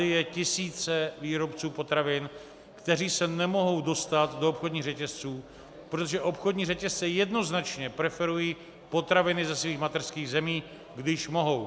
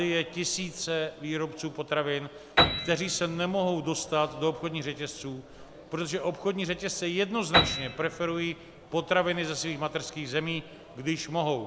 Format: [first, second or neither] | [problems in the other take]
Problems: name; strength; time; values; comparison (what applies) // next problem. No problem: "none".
first | background sound (Piano); 5 dB below the speech